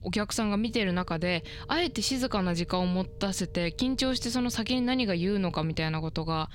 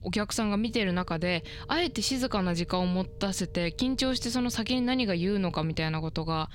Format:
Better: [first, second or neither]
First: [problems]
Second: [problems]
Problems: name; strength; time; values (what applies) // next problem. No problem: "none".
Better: neither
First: low rumble; faint; throughout; 20 dB below the speech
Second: low rumble; faint; throughout; 20 dB below the speech